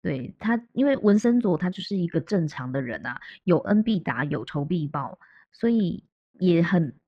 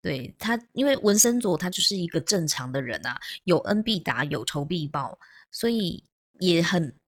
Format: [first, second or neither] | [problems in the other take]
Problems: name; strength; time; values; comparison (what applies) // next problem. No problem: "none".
second | muffled; very; fading above 2 kHz